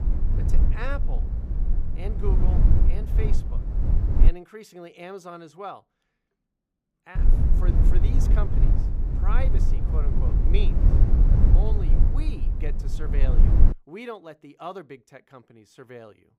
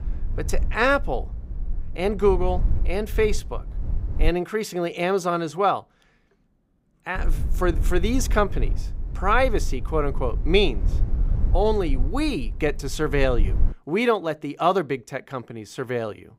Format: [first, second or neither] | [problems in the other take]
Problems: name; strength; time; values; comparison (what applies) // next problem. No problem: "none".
second | low rumble; loud; until 4.5 s and from 7 to 14 s; 1 dB below the speech; faint in the second